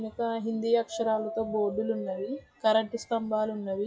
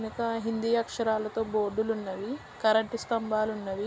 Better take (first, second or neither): second